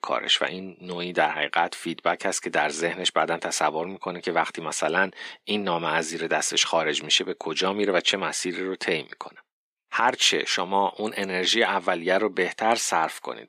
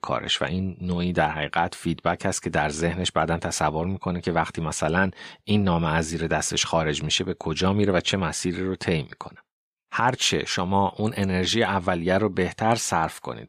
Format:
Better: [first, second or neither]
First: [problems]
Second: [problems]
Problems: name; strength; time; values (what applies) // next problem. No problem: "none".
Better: second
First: thin; somewhat; fading below 300 Hz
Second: none